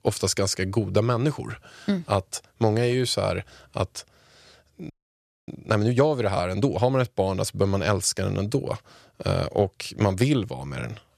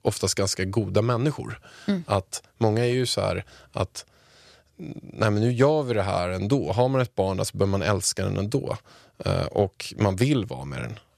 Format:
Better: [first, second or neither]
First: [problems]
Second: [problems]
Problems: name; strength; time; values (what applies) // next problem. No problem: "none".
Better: second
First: audio freezing; at 5 s for 0.5 s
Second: none